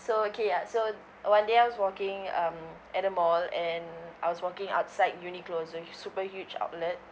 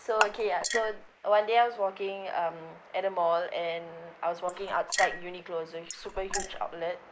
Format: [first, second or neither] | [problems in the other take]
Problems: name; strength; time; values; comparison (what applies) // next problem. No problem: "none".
first | noise reduction (neural mask model Resemble Enhance denoiser)